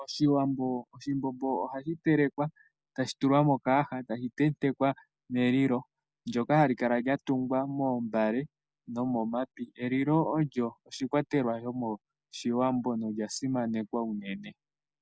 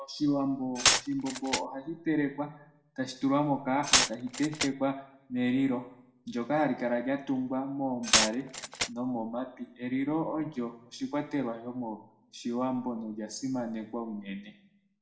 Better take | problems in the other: first | background sound (Glass); 3 dB above the speech // room echo; dies away in 0.6 s

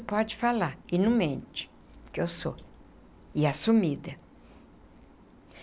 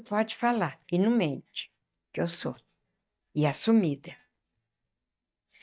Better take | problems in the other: first | noise reduction (neural mask model DeepFilterNet 3)

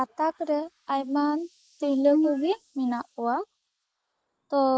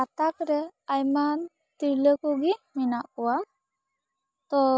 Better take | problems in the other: second | noise reduction (neural mask model Resemble Enhance denoiser)

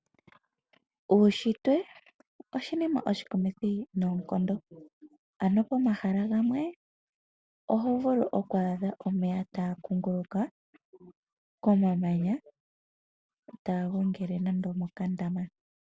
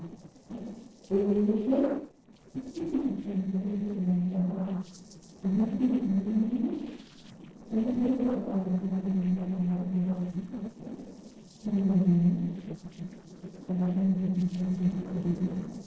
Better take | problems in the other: first | noise reduction (neural separator model SepFormer DNS4)

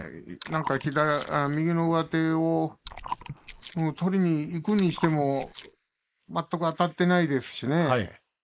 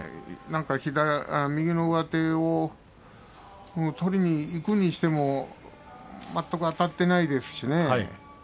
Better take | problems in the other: second | noise reduction (neural mask model Resemble Enhance denoiser)

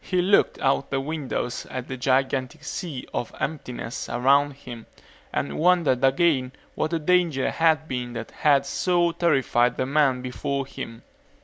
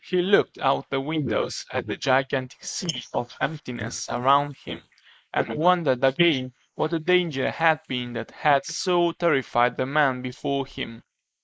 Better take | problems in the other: first | noise reduction (neural mask model Resemble Enhance denoiser)

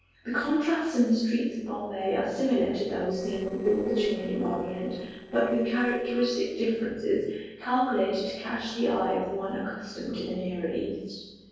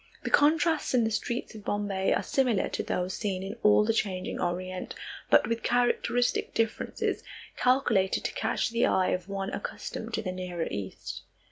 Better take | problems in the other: second | noise reduction (neural separator model SepFormer DNS4)

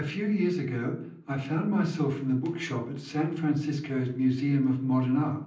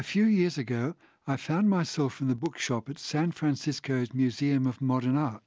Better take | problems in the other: second | room echo; dies away in 0.6 s

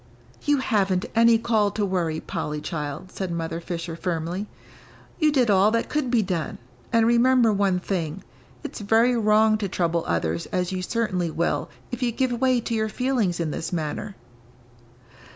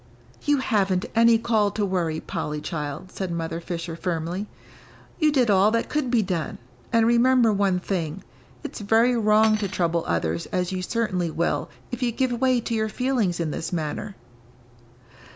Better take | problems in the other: first | background sound (Cutlery, silverware); 18 dB below the speech

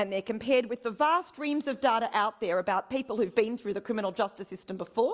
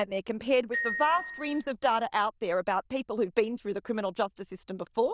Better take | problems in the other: first | noise reduction (neural diffusion model UNIVERSE++)

